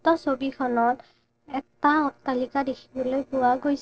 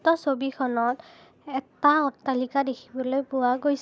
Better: second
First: noise reduction (neural separator model SepFormer DNS4)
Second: none

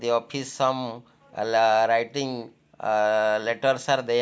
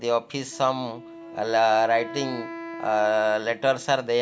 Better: first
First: none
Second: background sound (Wind instrument, woodwind instrument); 15 dB below the speech

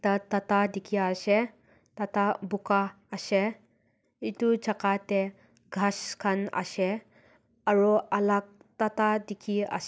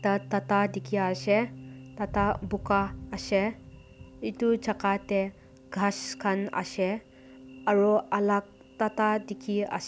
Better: first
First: none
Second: background sound (Thunder + Organ); 16 dB below the speech

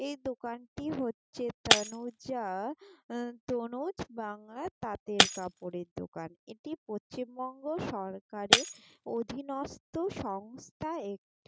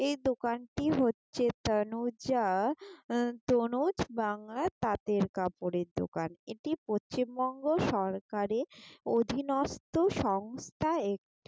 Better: second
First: background sound (Shatter); 3 dB above the speech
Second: none

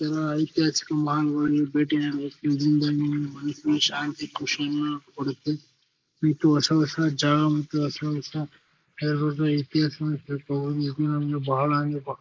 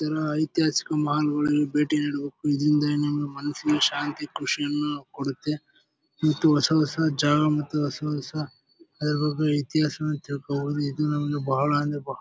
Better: second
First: noise reduction (neural mask model Resemble Enhance denoiser)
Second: none

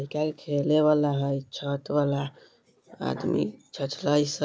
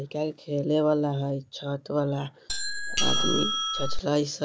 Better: first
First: none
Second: background sound (Doorbell); 3 dB above the speech

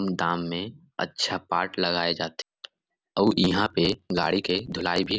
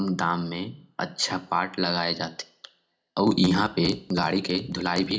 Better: first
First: none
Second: room echo; dies away in 0.4 s

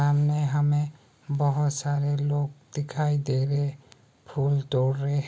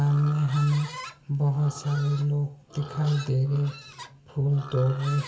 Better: first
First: none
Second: background sound (Livestock, farm animals, working animals); 16 dB below the speech // room echo; dies away in 1.9 s

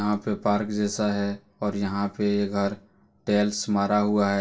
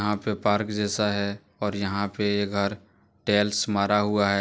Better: second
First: room echo; dies away in 0.2 s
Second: none

